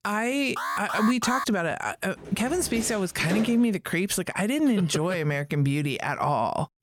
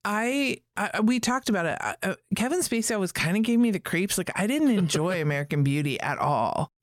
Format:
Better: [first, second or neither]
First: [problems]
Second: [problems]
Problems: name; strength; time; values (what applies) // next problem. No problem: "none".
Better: second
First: alarm; noticeable; at 0.5 s; peak 4 dB below the speech // door banging; noticeable; from 2 to 3.5 s; peak 7 dB below the speech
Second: none